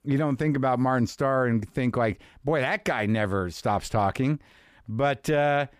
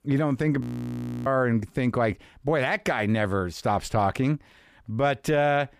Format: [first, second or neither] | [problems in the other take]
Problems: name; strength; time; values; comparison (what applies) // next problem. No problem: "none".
first | audio freezing; at 0.5 s for 0.5 s